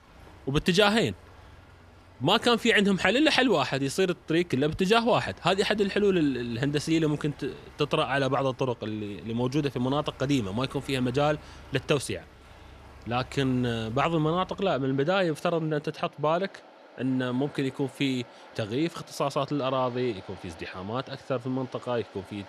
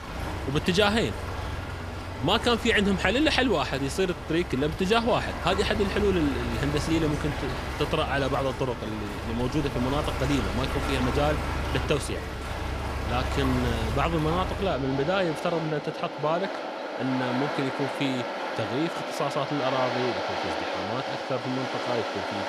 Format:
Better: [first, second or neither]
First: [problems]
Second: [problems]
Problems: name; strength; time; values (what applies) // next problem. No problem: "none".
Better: first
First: rain or running water; faint; throughout; 25 dB below the speech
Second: rain or running water; loud; throughout; 4 dB below the speech